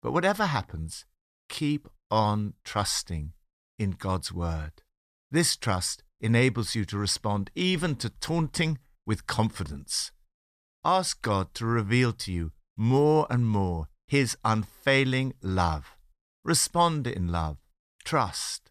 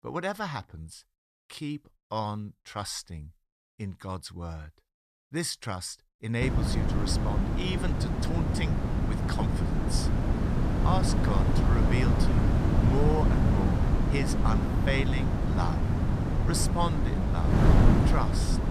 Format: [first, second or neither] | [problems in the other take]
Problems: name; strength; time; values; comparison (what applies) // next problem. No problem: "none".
first | wind noise on the microphone; heavy; from 6.5 s on; 1 dB above the speech